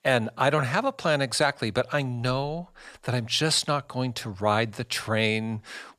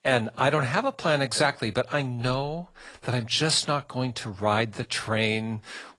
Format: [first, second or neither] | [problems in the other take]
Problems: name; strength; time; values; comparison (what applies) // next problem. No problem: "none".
first | garbled, watery; slightly